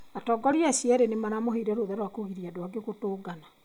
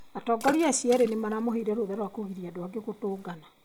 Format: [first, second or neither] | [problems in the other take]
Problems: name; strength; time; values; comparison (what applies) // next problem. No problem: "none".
first | background sound (Water / Splash, splatter); 14 dB below the speech